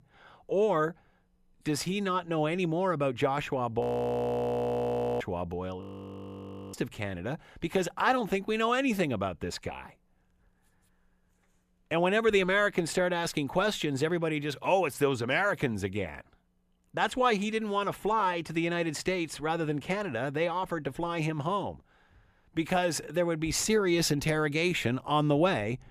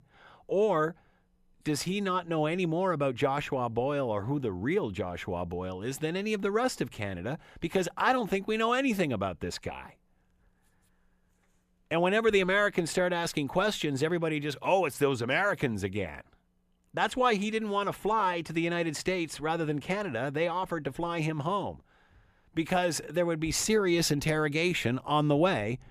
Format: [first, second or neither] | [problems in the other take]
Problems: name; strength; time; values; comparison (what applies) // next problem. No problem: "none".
second | audio freezing; at 4 s for 1.5 s and at 6 s for 1 s